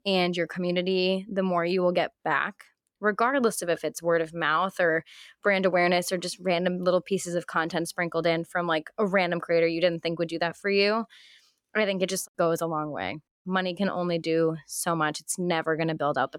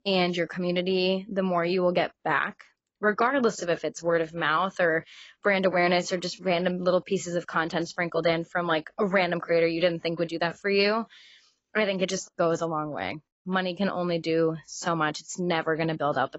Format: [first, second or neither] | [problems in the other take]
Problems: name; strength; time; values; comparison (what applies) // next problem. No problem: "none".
first | garbled, watery; badly; nothing above 7.5 kHz